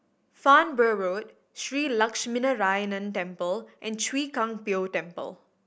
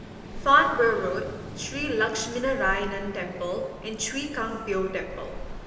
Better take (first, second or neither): first